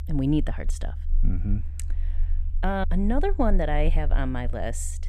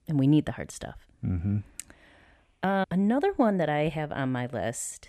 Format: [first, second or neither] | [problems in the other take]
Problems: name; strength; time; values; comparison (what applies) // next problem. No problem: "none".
second | low rumble; faint; throughout; 20 dB below the speech